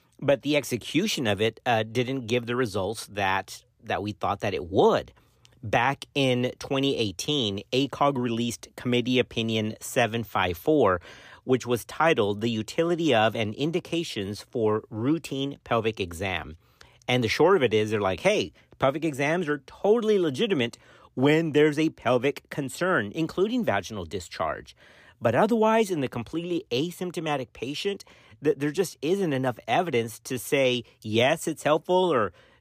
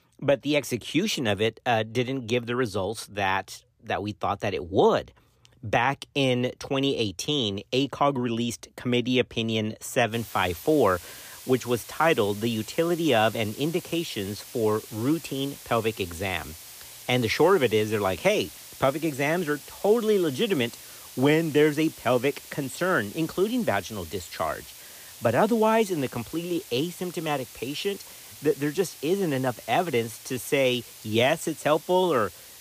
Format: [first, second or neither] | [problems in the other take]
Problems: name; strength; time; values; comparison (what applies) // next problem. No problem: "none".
first | hiss; noticeable; from 10 s on; 15 dB below the speech